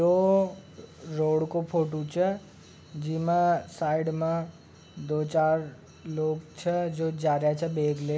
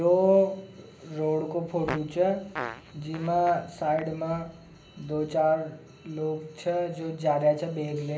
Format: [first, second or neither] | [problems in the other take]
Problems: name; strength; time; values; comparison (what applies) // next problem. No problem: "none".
first | background sound (Fart); 14 dB below the speech // room echo; dies away in 0.5 s